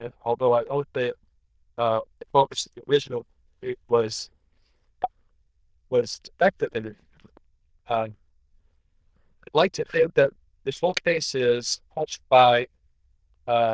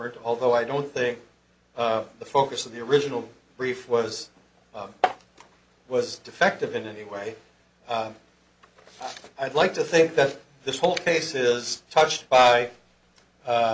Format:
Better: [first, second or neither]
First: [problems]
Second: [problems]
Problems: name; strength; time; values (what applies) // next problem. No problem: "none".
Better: second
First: noise reduction (neural diffusion model UNIVERSE++)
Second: none